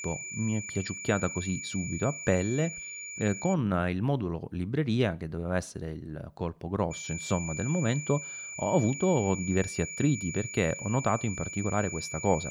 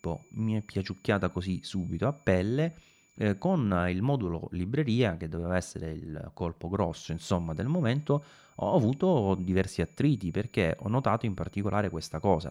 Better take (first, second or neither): second